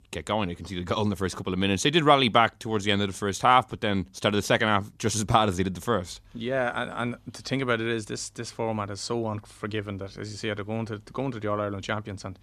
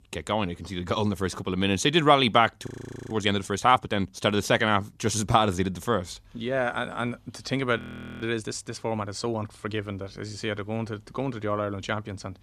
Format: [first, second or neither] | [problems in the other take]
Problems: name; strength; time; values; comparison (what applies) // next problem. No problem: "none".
first | audio freezing; at 2.5 s and at 8 s